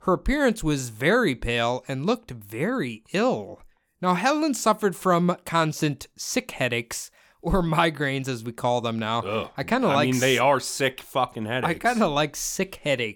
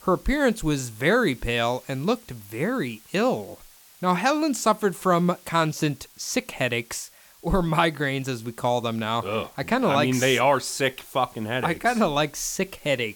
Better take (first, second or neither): first